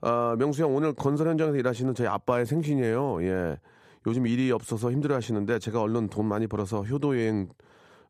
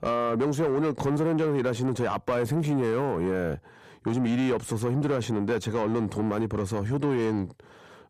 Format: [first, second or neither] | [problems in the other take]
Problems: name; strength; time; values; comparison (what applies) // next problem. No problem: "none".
first | distortion; slight; 10 dB below the speech